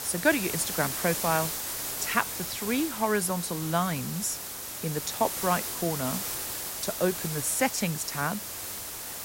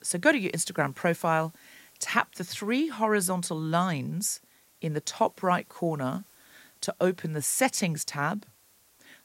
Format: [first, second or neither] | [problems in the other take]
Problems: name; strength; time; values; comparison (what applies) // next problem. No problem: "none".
second | hiss; loud; throughout; 3 dB below the speech; faint in the second